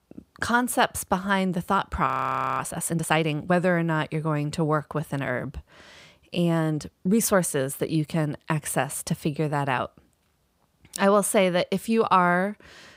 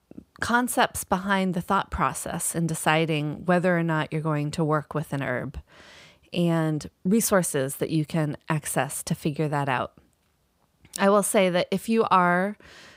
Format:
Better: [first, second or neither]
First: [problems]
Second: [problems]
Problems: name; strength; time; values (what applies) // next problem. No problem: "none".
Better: second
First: audio freezing; at 2 s for 0.5 s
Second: none